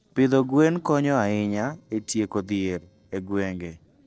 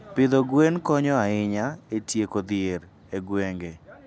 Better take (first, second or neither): second